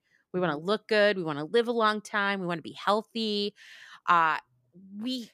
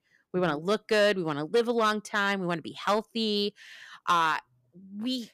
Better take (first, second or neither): first